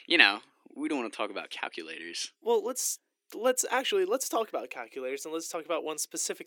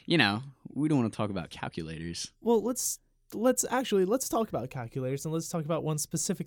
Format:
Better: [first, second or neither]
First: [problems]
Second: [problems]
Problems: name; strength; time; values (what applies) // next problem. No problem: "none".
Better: second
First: thin; somewhat; fading below 300 Hz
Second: none